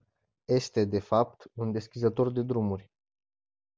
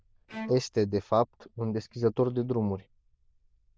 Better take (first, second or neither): first